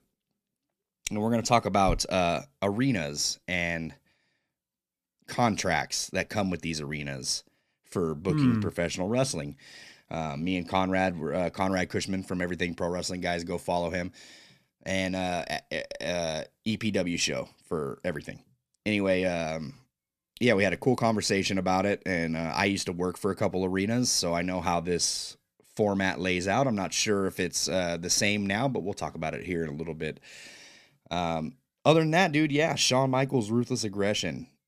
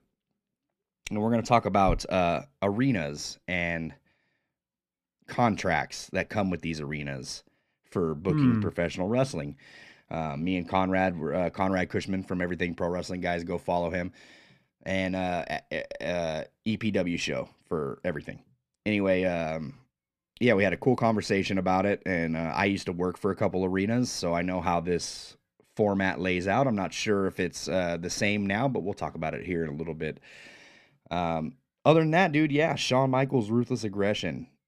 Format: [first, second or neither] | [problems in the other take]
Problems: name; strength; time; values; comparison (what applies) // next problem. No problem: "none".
first | muffled; slightly; fading above 4 kHz